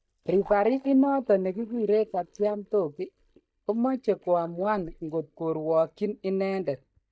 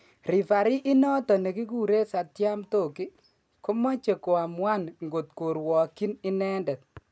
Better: second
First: noise reduction (neural mask model DeepFilterNet 3)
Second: none

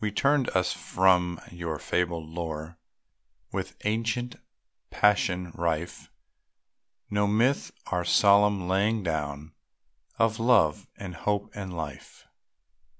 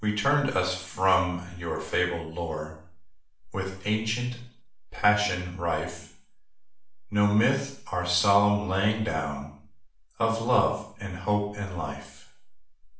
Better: first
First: none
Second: room echo; dies away in 0.5 s

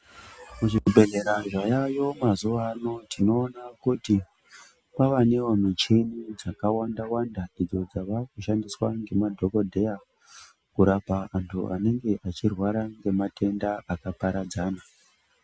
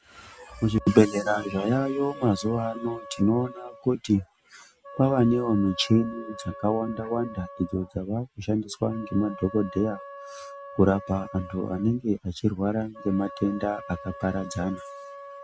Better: first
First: none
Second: background sound (Wind instrument, woodwind instrument); 16 dB below the speech

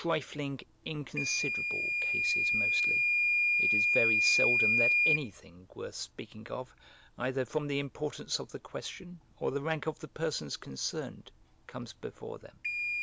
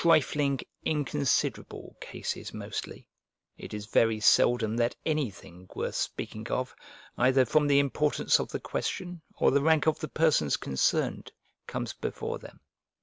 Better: second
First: background sound (Microwave oven / Alarm); 4 dB above the speech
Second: none

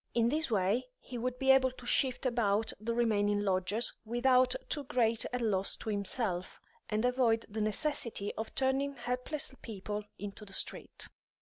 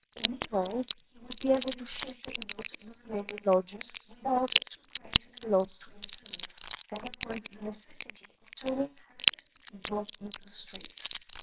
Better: first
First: none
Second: noise reduction (neural separator model SepFormer WHAMR!)

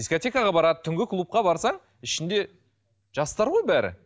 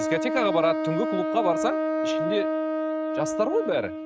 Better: first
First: none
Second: noise reduction (neural mask model RNNoise)

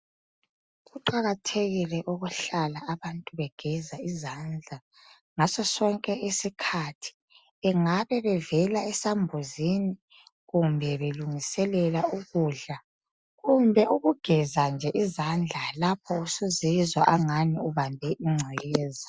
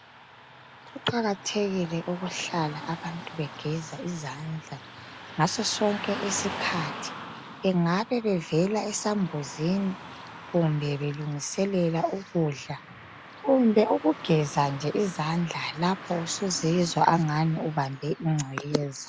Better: first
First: none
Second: background sound (Car passing by / Traffic noise, roadway noise); 14 dB below the speech

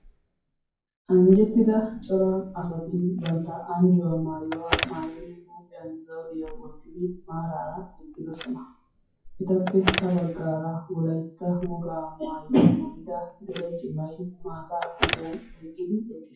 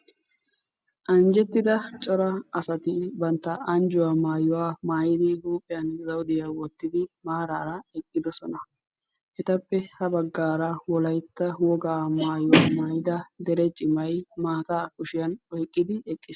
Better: second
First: noise reduction (classical method WPE with log-MMSE)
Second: none

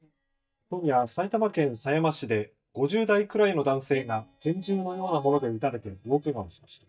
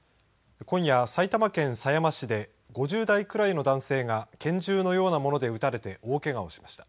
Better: second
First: noise reduction (neural mask model DeepFilterNet 3)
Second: none

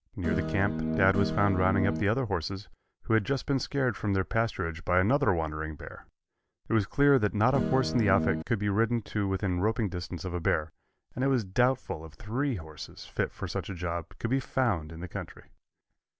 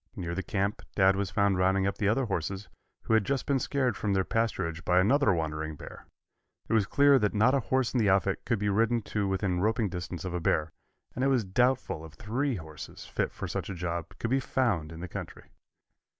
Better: second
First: background sound (Guitar); 2 dB below the speech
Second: none

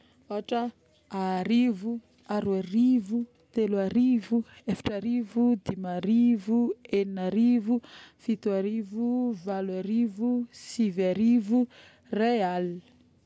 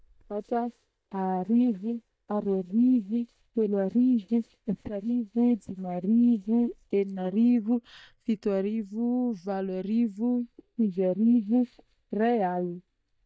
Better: first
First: none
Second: noise reduction (neural mask model DeepFilterNet 3)

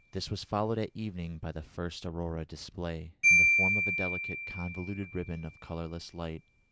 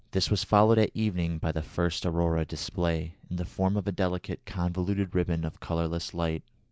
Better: second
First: background sound (Marimba, xylophone); 4 dB above the speech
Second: none

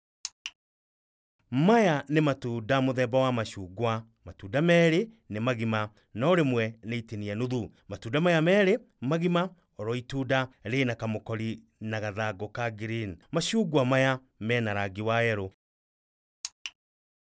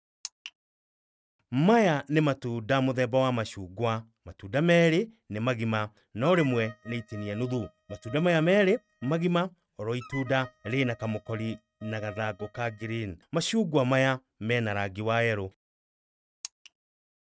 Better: first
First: none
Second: noise reduction (neural mask model RNNoise)

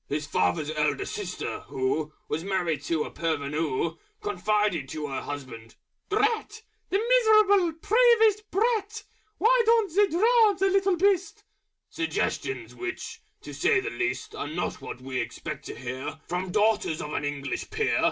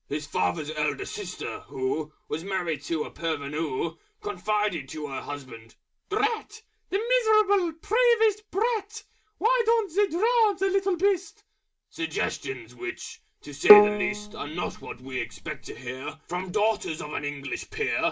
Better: first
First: none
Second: background sound (Bowed string instrument); 5 dB above the speech

